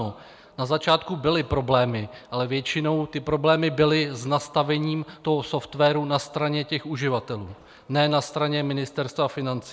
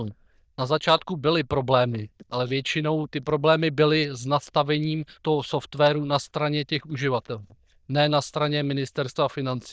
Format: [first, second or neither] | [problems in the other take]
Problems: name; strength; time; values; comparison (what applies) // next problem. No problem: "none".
first | noise reduction (neural diffusion model UNIVERSE++)